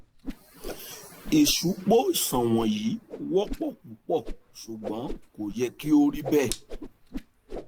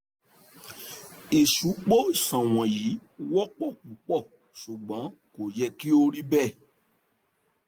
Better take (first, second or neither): second